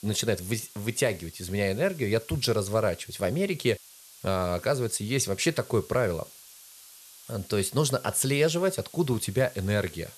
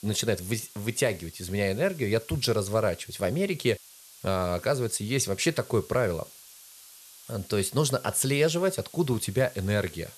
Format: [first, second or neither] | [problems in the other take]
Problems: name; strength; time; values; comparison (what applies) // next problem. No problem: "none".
neither | hiss; noticeable; throughout; 20 dB below the speech; the same in both